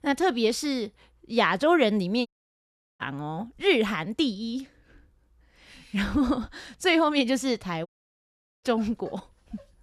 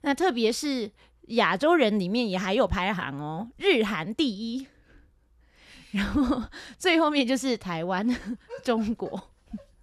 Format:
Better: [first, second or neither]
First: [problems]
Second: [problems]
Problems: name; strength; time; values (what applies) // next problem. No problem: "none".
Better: second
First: audio cutting out; at 2.5 s for 0.5 s and at 8 s for 1 s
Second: none